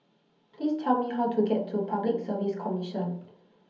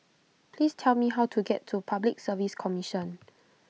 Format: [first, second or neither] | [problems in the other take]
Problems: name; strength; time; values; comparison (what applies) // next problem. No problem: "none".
second | background sound (Wind instrument, woodwind instrument); 17 dB below the speech // room echo; dies away in 0.7 s